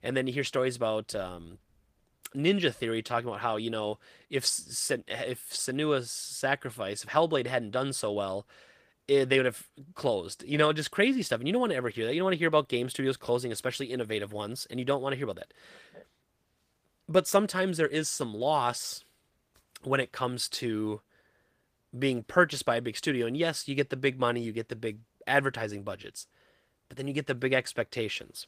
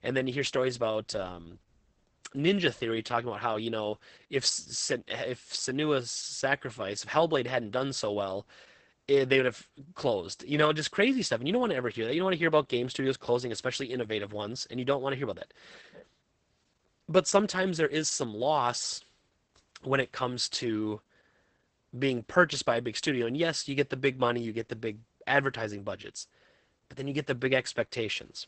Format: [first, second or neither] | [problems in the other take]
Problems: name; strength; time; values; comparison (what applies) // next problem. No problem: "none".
first | garbled, watery; badly; nothing above 8 kHz; slightly in the first